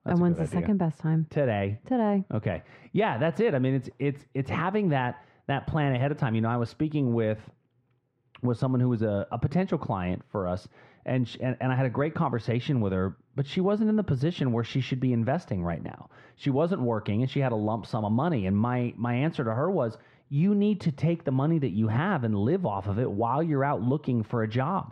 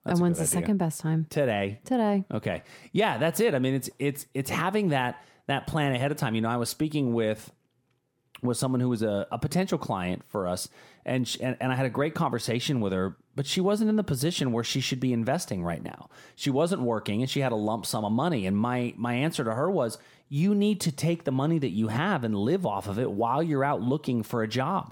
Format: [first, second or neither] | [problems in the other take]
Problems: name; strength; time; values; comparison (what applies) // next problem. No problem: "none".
second | muffled; slightly; fading above 2.5 kHz